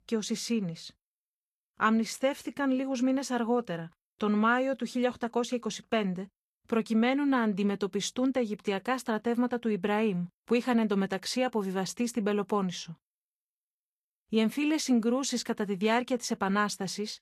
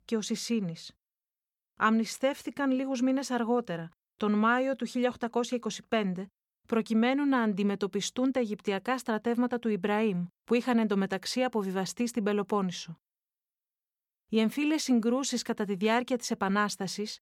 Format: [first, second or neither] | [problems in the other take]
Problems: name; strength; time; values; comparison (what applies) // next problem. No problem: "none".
second | garbled, watery; slightly; nothing above 12.5 kHz